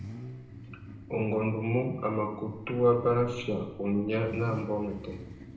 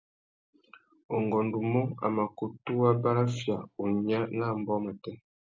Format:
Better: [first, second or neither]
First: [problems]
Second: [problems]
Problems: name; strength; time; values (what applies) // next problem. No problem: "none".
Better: second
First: background sound (Idling / Accelerating, revving, vroom / Car); 14 dB below the speech // room echo; dies away in 0.8 s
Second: none